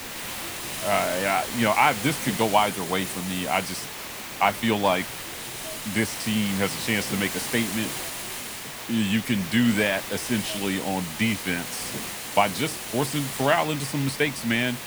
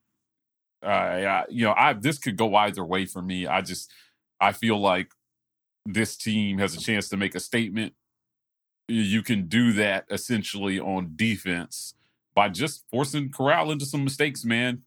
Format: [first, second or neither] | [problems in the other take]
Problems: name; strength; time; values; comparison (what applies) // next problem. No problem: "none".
second | hiss; loud; throughout; 6 dB below the speech